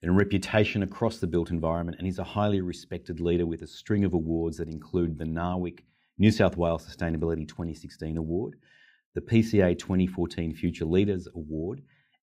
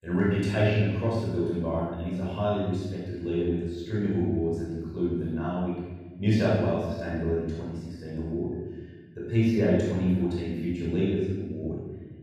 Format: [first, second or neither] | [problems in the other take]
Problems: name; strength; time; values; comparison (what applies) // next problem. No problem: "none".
first | room echo; strong; dies away in 1.2 s // off-mic speech; far